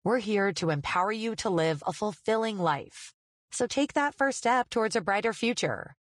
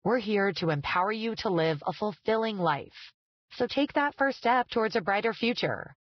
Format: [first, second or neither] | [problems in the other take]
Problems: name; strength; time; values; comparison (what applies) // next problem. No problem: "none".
first | garbled, watery; badly; nothing above 5.5 kHz; slightly in the first